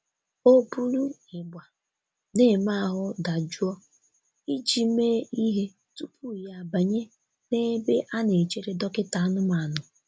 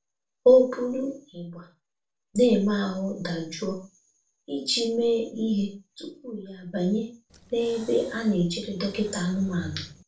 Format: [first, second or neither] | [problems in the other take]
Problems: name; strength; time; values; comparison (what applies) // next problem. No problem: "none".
first | noise reduction (neural separator model SepFormer DNS4)